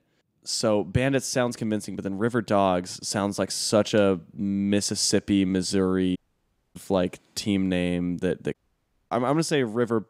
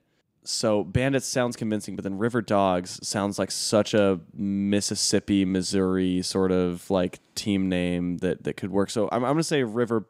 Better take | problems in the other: second | audio cutting out; at 6 s for 0.5 s and at 8.5 s for 0.5 s

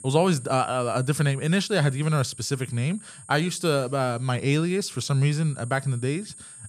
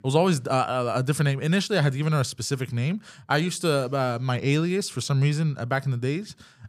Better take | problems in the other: second | high-pitched whine; noticeable; throughout; 8.5 kHz, 15 dB below the speech

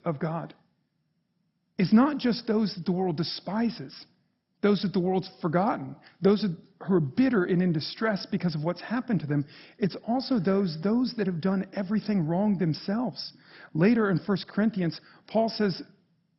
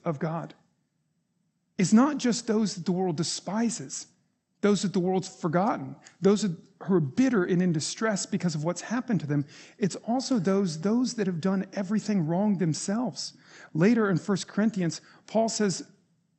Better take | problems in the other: second | garbled, watery; badly; nothing above 5.5 kHz; slightly in the second

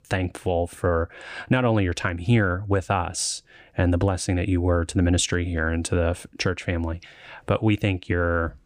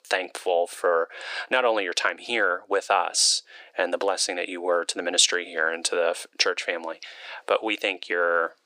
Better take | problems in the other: first | thin; very; fading below 450 Hz

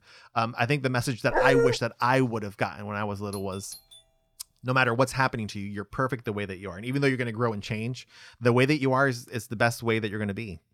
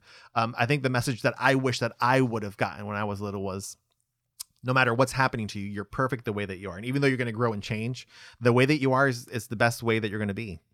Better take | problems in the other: second | dog barking; loud; at 1.5 s; peak 5 dB above the speech // doorbell; faint; at 3.5 s; peak 20 dB below the speech

